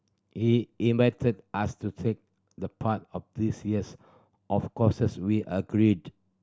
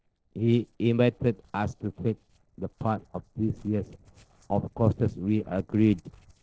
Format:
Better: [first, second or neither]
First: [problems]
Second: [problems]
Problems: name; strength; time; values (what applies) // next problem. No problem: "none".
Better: first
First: none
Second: noise reduction (neural separator model SepFormer DNS4)